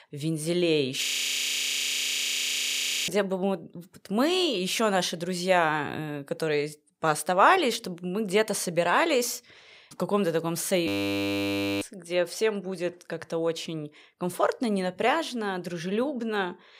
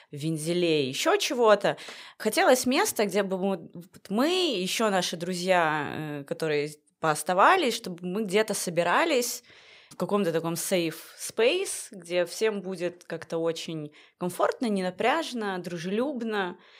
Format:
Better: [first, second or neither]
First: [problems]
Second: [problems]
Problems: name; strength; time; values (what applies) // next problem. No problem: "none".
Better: second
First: audio freezing; at 1 s for 2 s and at 11 s for 1 s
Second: none